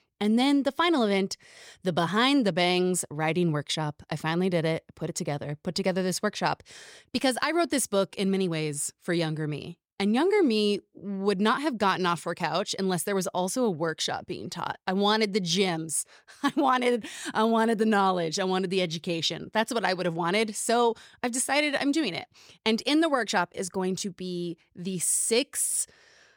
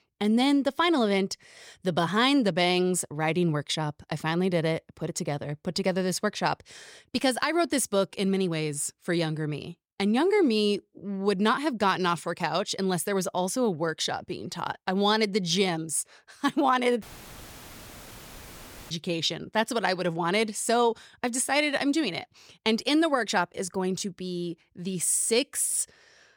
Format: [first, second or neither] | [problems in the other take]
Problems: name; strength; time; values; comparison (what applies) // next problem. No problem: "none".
first | audio cutting out; filled with static; at 17 s for 2 s